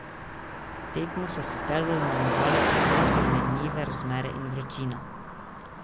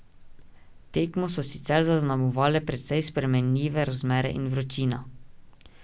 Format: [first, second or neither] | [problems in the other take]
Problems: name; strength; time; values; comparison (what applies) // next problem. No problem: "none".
second | background sound (Car passing by); 3 dB above the speech